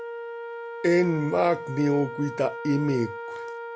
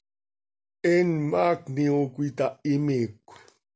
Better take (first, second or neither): second